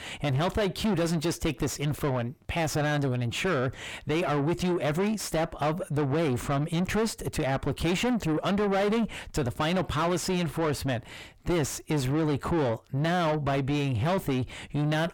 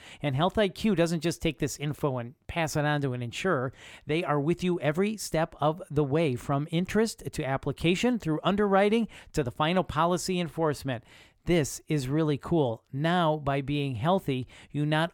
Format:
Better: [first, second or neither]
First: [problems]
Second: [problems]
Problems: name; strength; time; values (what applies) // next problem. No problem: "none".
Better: second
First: distortion; heavy; 5 dB below the speech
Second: none